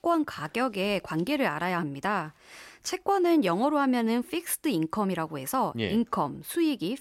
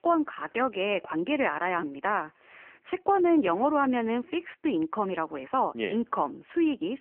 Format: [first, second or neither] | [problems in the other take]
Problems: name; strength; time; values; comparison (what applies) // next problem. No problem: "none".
first | phone-call audio; poor line; nothing above 3 kHz